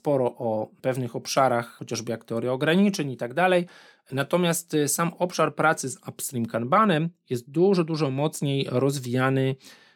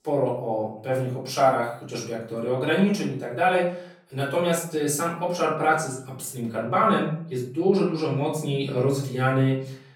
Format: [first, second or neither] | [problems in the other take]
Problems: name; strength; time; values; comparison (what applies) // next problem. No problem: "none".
first | off-mic speech; far // room echo; slight; dies away in 0.5 s